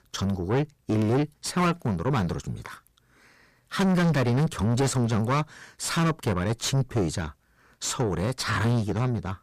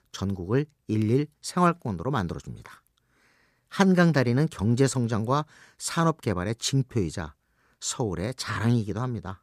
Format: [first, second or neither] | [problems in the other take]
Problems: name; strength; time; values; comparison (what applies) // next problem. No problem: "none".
second | distortion; heavy; 5 dB below the speech